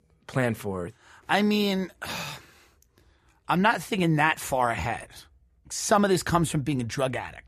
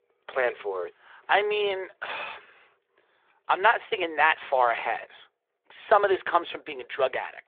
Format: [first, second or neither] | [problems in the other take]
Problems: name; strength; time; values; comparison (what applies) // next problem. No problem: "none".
first | phone-call audio